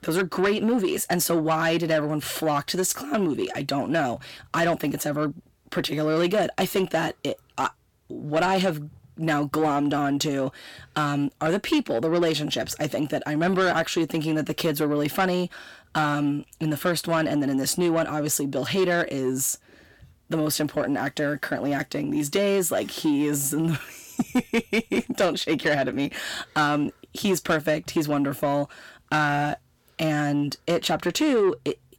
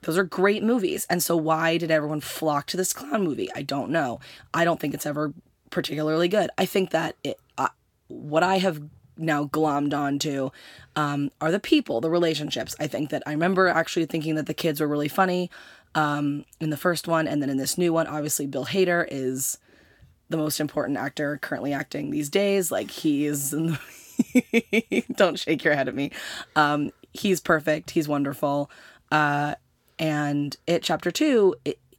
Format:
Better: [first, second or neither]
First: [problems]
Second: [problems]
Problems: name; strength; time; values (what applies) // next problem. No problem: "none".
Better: second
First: distortion; slight; 10 dB below the speech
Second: none